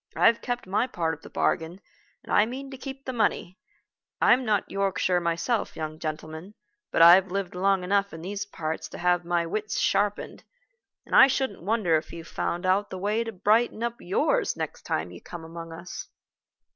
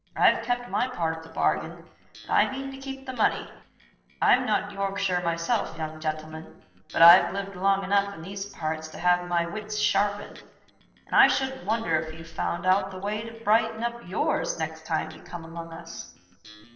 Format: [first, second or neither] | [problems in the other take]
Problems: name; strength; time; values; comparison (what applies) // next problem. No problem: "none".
first | noise reduction (neural separator model SepFormer DNS4)